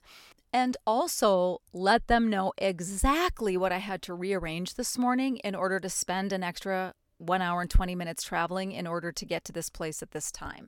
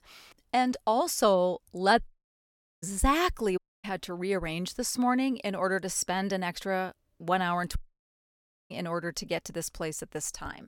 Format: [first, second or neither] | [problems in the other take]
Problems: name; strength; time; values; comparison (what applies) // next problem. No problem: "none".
first | audio cutting out; at 2 s for 0.5 s, at 3.5 s and at 8 s for 1 s